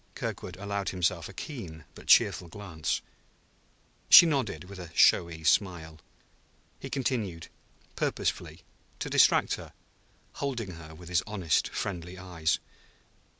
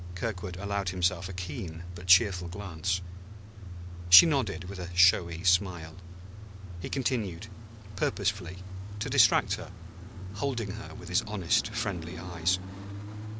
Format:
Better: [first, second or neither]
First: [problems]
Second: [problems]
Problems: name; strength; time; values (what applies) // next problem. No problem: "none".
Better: first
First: none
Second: background sound (Idling / Engine starting / Accelerating, revving, vroom / Car); 7 dB below the speech